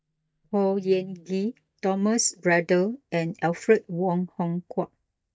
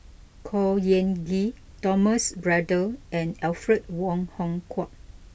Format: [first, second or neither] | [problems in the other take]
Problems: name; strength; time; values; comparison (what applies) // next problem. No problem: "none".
second | noise reduction (neural mask model DeepFilterNet 3)